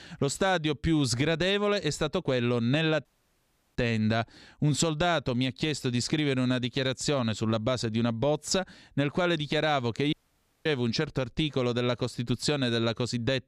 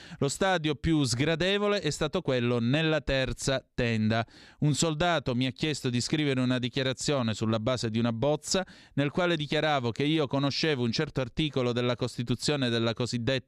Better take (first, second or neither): second